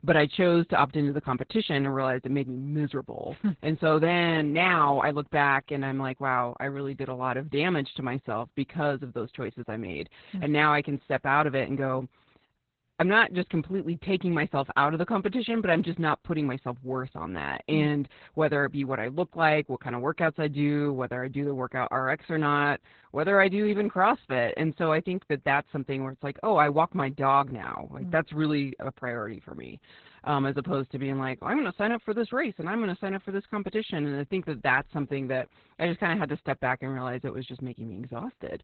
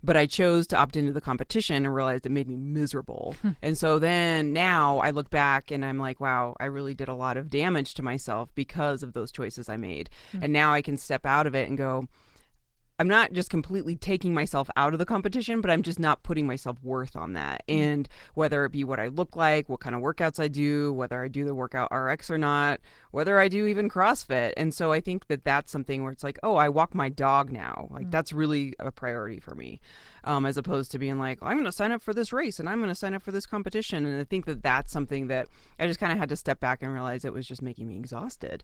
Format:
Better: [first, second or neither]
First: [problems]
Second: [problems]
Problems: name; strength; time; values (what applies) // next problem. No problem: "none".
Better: second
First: garbled, watery; badly; nothing above 4 kHz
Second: garbled, watery; slightly